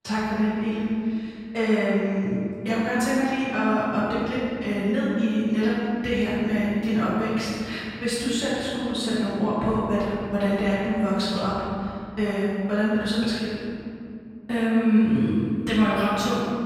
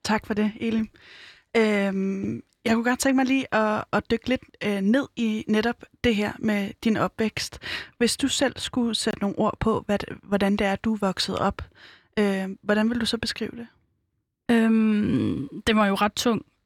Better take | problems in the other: second | off-mic speech; far // room echo; strong; dies away in 2.4 s

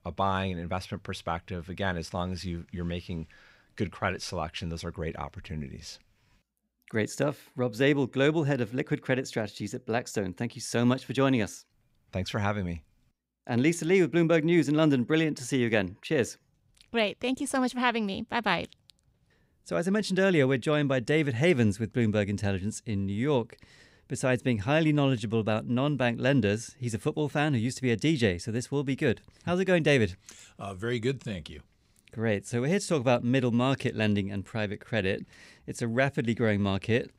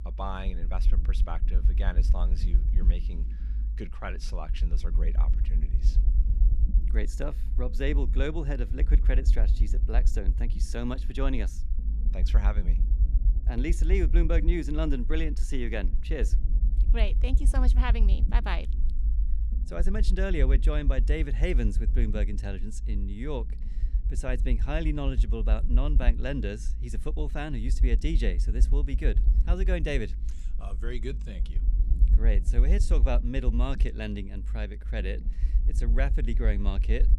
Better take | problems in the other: first | low rumble; noticeable; throughout; 15 dB below the speech

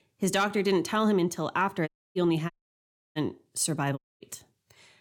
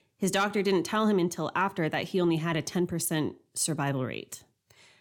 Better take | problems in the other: second | audio cutting out; at 2 s, at 2.5 s for 0.5 s and at 4 s

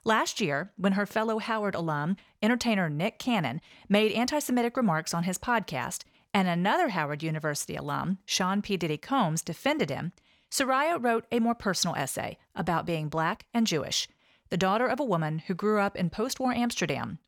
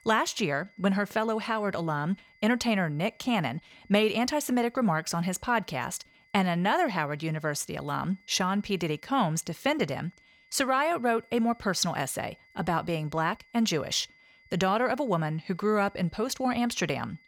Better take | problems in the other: first | high-pitched whine; faint; throughout; 2 kHz, 30 dB below the speech

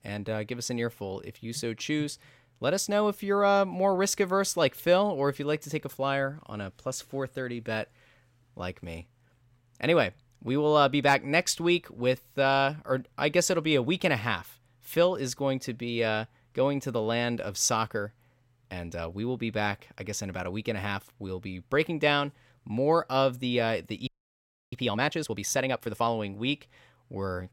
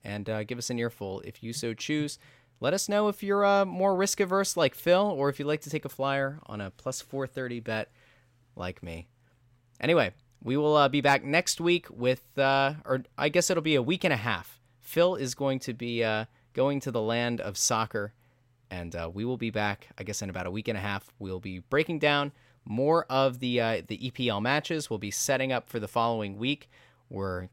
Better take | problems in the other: second | audio freezing; at 24 s for 0.5 s

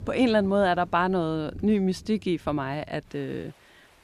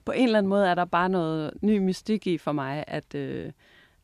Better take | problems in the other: second | rain or running water; faint; throughout; 20 dB below the speech

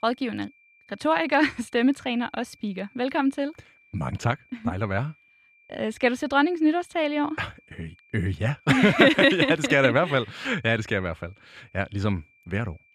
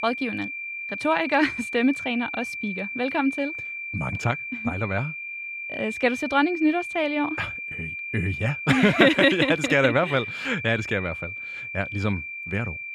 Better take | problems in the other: first | high-pitched whine; loud; throughout; 2.5 kHz, 7 dB below the speech; faint in the first

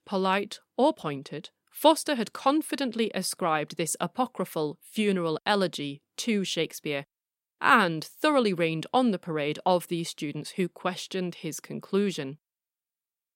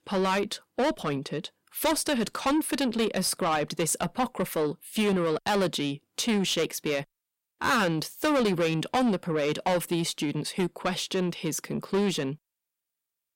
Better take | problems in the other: first | distortion; heavy; 6 dB below the speech

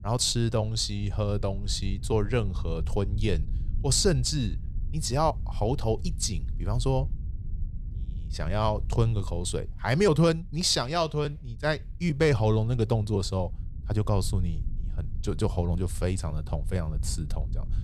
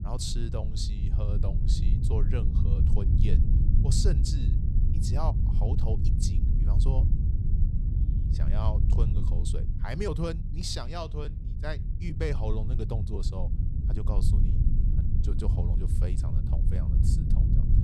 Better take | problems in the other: first | low rumble; loud; throughout; 4 dB below the speech; faint in the first

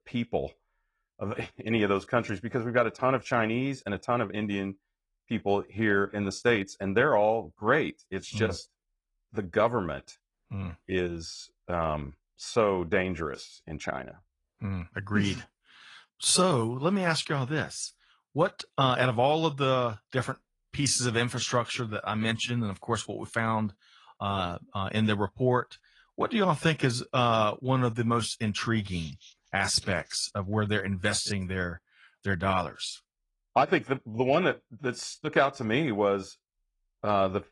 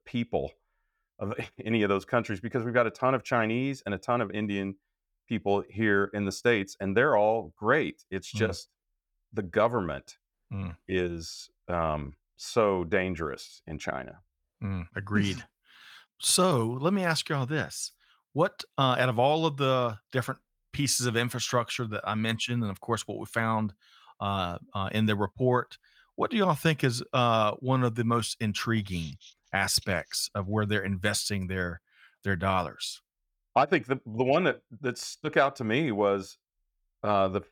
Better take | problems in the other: second | garbled, watery; slightly; nothing above 10 kHz

